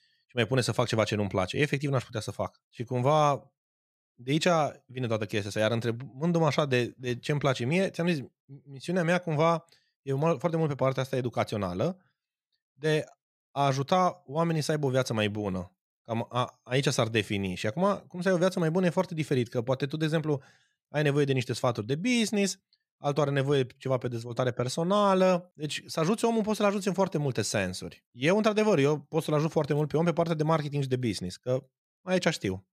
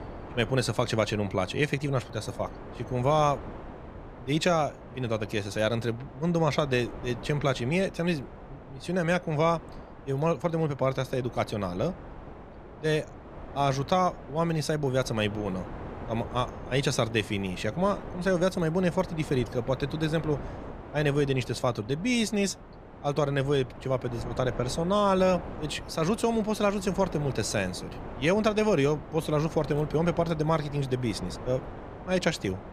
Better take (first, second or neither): first